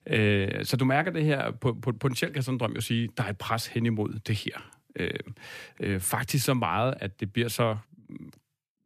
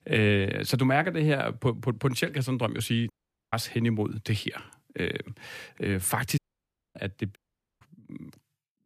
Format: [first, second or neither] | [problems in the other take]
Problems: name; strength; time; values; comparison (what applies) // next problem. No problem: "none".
first | audio cutting out; at 3 s, at 6.5 s for 0.5 s and at 7.5 s